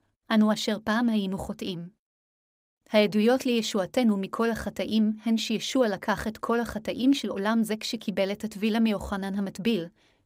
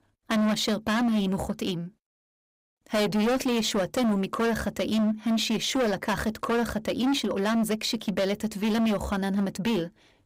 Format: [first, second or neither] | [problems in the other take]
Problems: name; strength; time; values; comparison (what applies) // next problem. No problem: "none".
first | distortion; heavy; 19% of the sound clipped